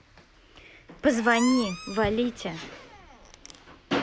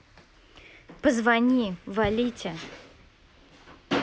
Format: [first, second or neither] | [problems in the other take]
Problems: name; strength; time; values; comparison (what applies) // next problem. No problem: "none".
second | background sound (Squeak); 12 dB below the speech